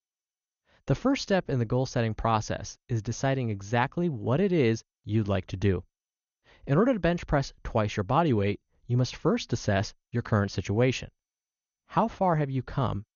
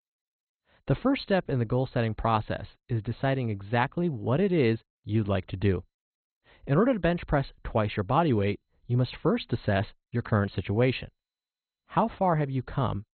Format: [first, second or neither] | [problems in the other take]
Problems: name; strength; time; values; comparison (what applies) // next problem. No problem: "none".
first | garbled, watery; badly; nothing above 4 kHz; slightly in the first